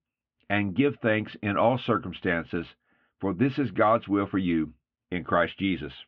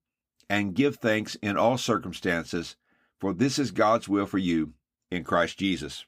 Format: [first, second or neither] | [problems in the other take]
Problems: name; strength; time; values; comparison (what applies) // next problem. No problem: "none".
second | muffled; very; fading above 3 kHz